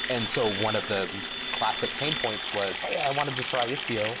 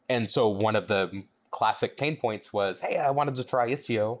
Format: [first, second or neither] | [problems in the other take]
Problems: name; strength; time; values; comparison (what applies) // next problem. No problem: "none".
second | background sound (Water tap, faucet + Telephone); 2 dB below the speech